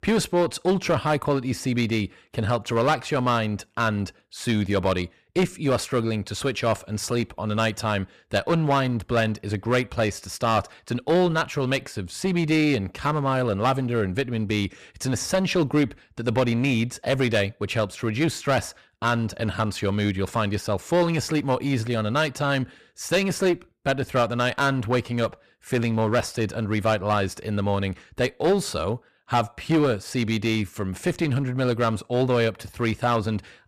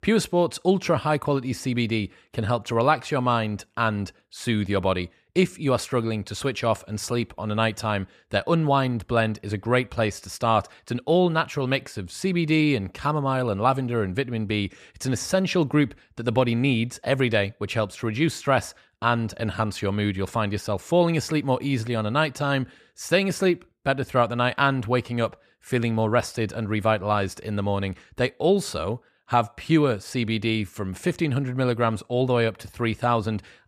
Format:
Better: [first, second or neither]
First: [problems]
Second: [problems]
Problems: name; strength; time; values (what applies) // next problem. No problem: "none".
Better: second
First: distortion; slight; 7% of the sound clipped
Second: none